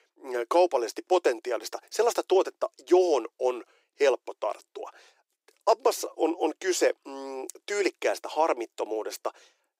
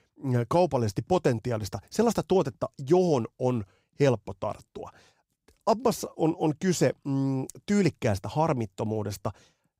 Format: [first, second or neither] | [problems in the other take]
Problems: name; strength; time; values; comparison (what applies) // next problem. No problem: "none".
second | thin; very; fading below 350 Hz